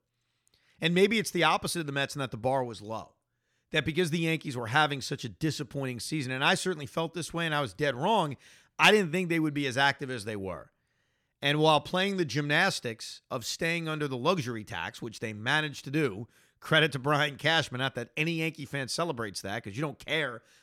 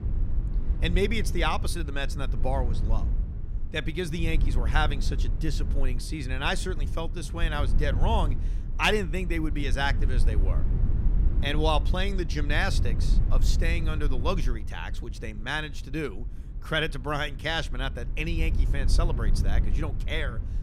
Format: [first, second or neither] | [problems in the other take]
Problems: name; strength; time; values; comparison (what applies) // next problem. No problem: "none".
first | low rumble; noticeable; throughout; 15 dB below the speech